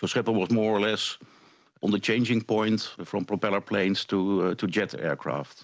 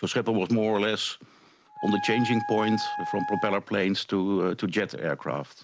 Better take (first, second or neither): first